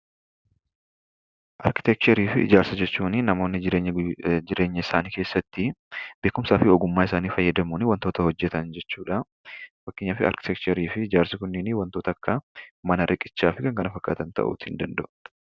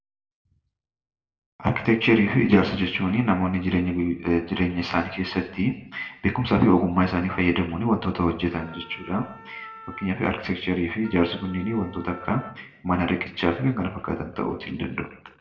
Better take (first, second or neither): first